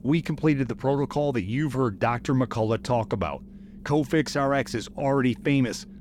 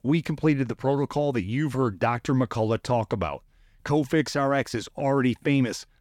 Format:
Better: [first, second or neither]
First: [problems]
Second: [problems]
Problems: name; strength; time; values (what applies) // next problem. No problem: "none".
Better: second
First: low rumble; faint; throughout; 25 dB below the speech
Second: none